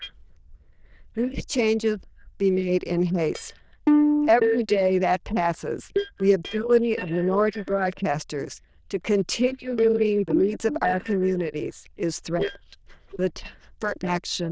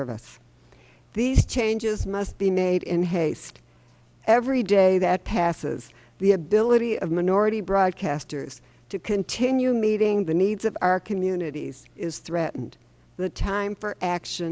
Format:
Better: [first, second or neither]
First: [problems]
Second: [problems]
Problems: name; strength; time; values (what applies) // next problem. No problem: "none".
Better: second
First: noise reduction (neural diffusion model UNIVERSE++)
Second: none